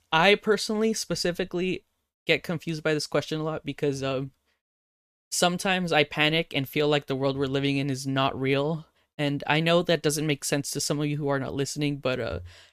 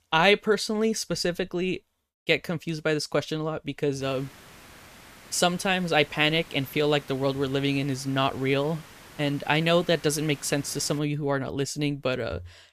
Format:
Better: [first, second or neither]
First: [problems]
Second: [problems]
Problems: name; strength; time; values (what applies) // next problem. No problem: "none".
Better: first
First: none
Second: hiss; faint; from 4 to 11 s; 20 dB below the speech